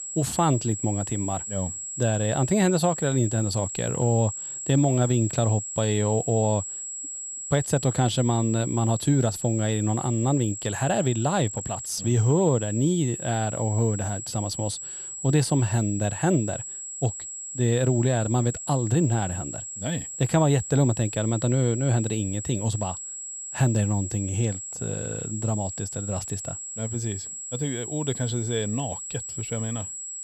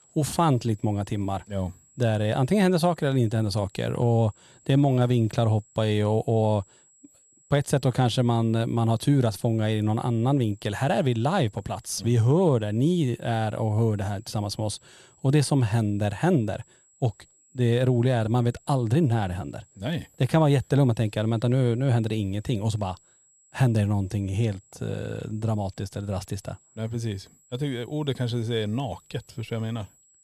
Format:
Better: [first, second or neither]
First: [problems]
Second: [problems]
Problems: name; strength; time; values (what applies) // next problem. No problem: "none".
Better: second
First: high-pitched whine; loud; throughout; 7.5 kHz, 7 dB below the speech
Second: high-pitched whine; faint; throughout; 7.5 kHz, 30 dB below the speech